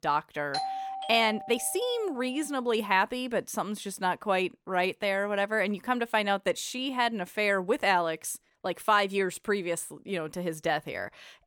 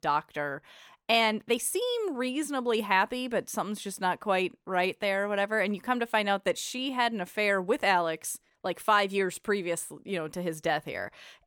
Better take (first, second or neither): second